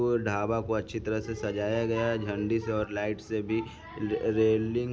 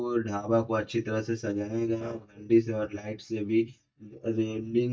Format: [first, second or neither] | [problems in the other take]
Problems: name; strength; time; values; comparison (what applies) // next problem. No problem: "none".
first | noise reduction (neural mask model DeepFilterNet 3)